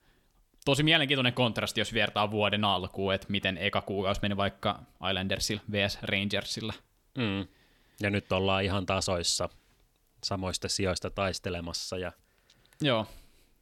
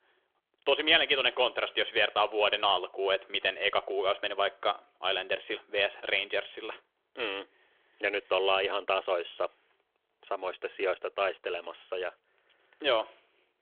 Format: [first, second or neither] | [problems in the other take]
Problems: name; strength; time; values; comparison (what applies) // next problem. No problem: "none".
first | phone-call audio; nothing above 3.5 kHz